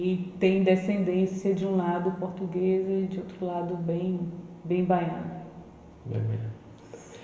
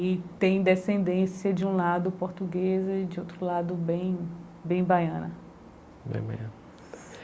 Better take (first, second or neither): second